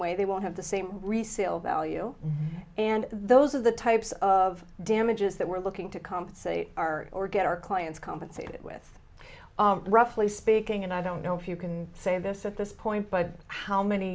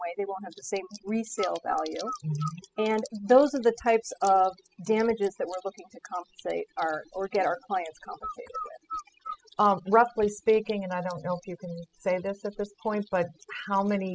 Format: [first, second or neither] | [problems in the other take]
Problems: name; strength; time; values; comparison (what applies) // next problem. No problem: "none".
first | noise reduction (classical method spectral subtraction)